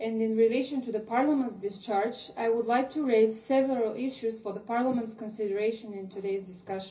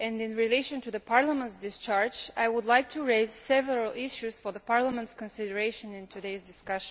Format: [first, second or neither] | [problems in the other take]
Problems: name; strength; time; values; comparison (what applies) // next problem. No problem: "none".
second | room echo; dies away in 0.5 s